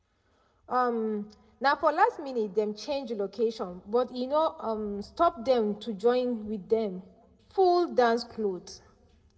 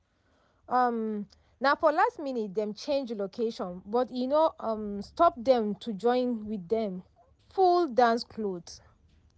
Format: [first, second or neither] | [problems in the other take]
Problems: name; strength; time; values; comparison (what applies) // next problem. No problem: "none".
second | room echo; dies away in 0.5 s